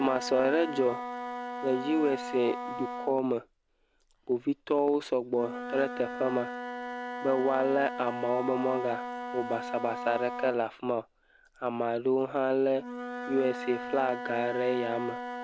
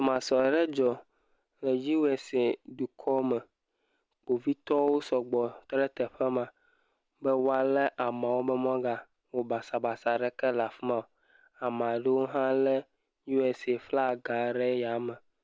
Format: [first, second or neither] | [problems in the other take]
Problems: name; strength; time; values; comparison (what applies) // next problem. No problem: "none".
second | background sound (Wind instrument, woodwind instrument); 9 dB below the speech